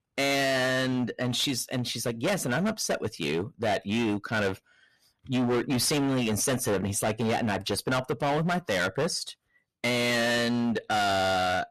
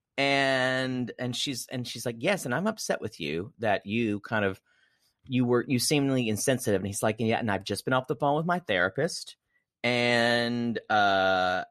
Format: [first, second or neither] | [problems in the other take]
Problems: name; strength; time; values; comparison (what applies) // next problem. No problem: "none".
second | distortion; heavy; 21% of the sound clipped